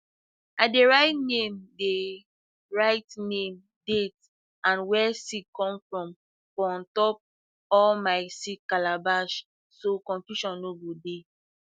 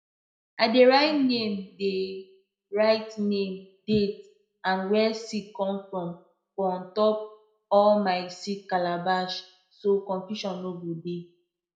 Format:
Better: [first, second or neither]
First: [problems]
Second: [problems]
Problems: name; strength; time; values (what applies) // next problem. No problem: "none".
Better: first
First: none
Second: room echo; dies away in 0.4 s